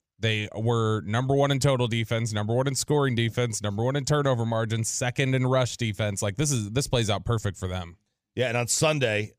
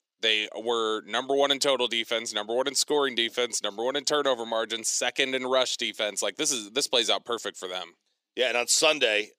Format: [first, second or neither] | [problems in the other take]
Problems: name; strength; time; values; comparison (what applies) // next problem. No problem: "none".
first | thin; very; fading below 300 Hz